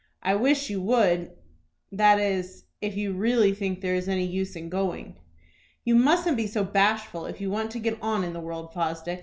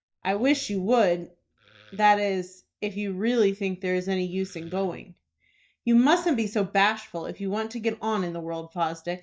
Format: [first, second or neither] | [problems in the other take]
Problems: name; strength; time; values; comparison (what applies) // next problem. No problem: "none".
first | noise reduction (neural mask model DeepFilterNet 3)